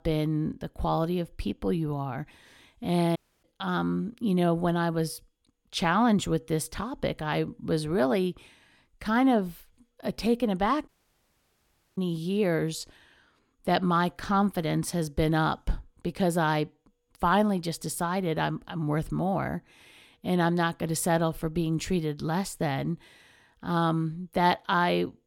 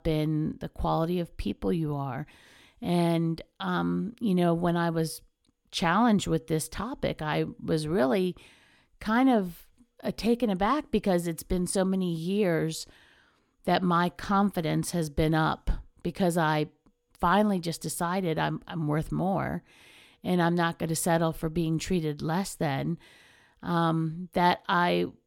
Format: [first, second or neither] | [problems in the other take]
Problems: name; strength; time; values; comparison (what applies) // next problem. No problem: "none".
second | audio cutting out; at 3 s and at 11 s for 1 s